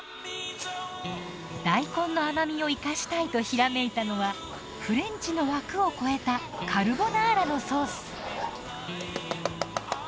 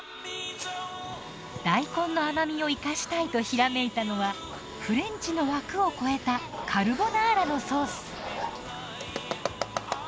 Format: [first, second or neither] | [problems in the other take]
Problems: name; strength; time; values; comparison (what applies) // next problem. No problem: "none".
second | background sound (Electric guitar); 11 dB below the speech